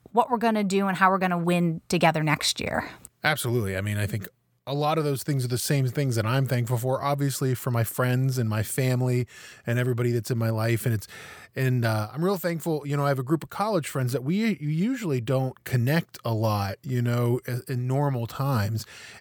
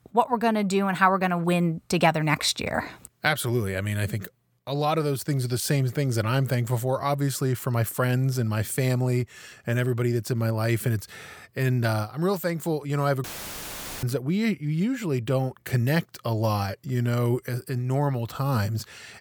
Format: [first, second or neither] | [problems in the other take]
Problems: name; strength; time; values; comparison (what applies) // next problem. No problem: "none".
first | audio cutting out; filled with static; at 13 s for 1 s